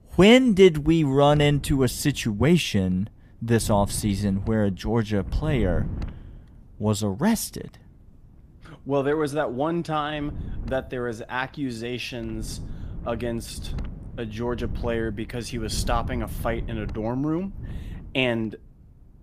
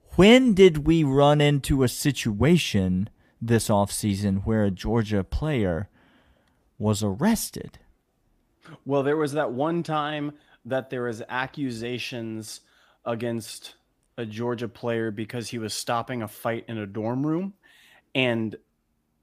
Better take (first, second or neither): second